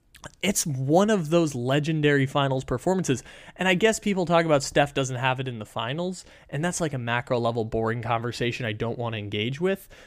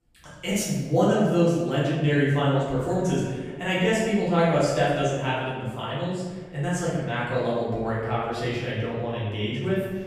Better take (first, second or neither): first